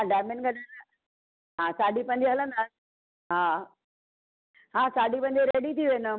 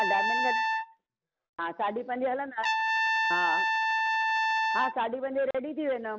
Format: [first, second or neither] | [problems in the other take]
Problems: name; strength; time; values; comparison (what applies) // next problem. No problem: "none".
first | background sound (Trumpet); 3 dB above the speech